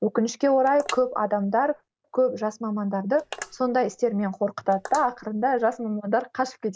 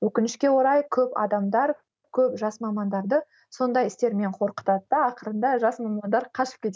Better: second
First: noise reduction (neural mask model Resemble Enhance denoiser)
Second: none

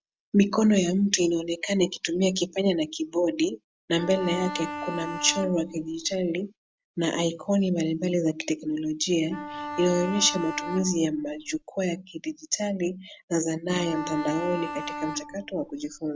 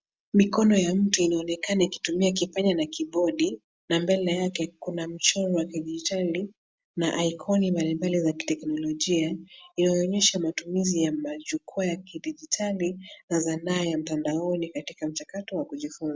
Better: second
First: background sound (Bowed string instrument); 9 dB below the speech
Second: none

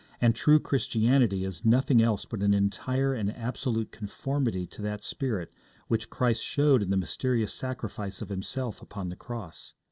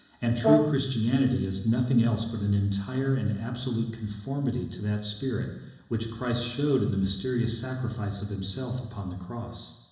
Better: first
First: none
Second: background sound (Brass instrument); 4 dB below the speech // room echo; dies away in 1 s

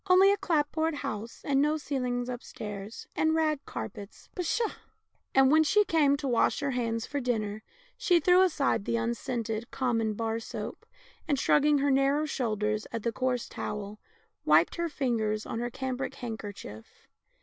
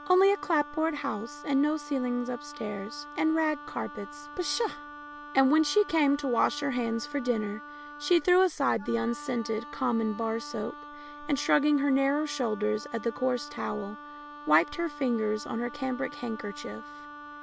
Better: first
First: none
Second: background sound (Wind instrument, woodwind instrument); 15 dB below the speech

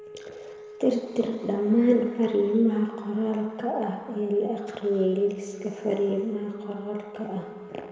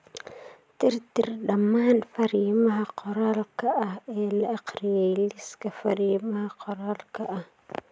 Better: second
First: background sound (Wind instrument, woodwind instrument); 18 dB below the speech // room echo; dies away in 2 s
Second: none

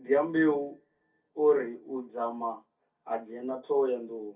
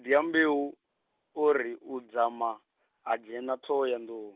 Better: second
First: room echo; dies away in 0.3 s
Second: none

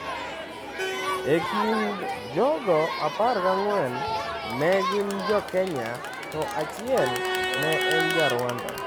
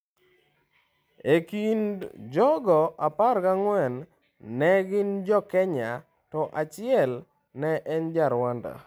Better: second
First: background sound (Crowd); 2 dB below the speech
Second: none

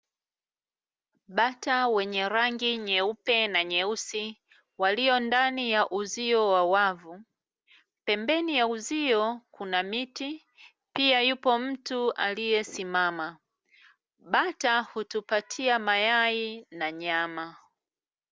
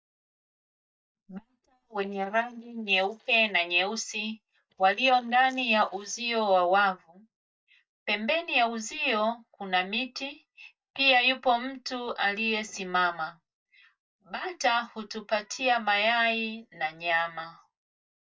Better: first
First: none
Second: noise reduction (neural mask model DeepFilterNet 3)

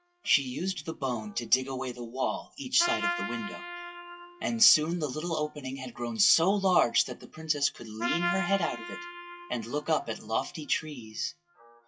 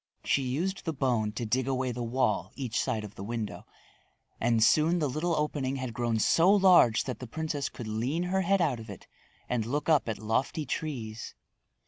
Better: second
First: noise reduction (classical method WPE with log-MMSE)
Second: none

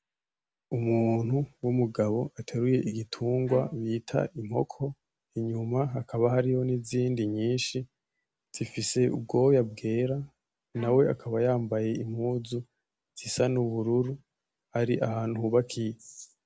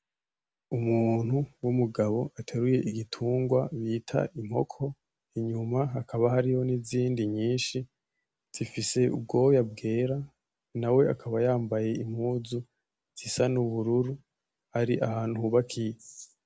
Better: second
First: background sound (Bowed string instrument); 20 dB below the speech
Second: none

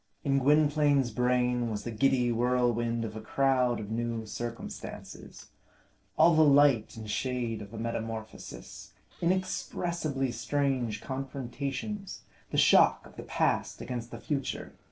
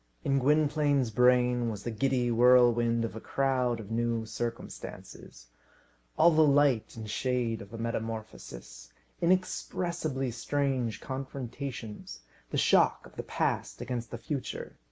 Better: second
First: noise reduction (neural separator model SepFormer DNS4)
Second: none

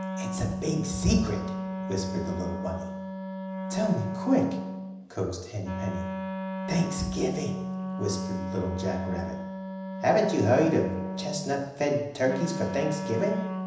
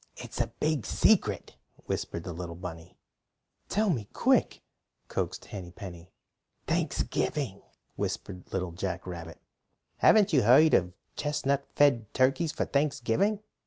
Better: second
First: background sound (Wind instrument, woodwind instrument); 4 dB below the speech // room echo; dies away in 0.9 s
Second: none

